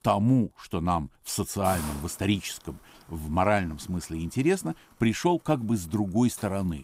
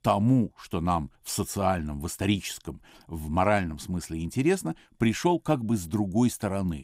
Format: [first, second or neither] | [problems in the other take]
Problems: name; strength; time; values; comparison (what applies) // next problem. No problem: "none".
second | hiss; noticeable; throughout; 15 dB below the speech